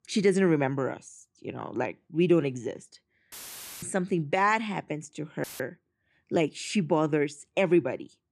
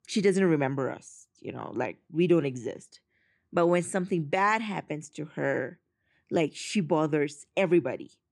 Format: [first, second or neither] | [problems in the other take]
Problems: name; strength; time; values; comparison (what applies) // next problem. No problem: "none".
second | audio cutting out; filled with static; at 3.5 s for 0.5 s and at 5.5 s